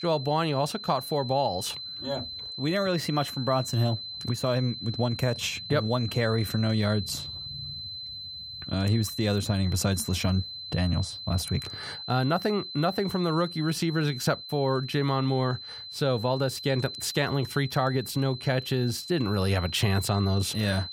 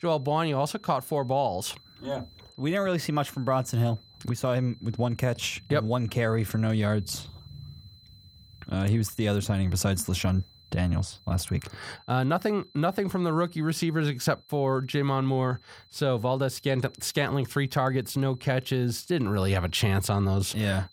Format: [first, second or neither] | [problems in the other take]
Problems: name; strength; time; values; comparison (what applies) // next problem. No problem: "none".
second | high-pitched whine; loud; throughout; 4 kHz, 9 dB below the speech; faint in the second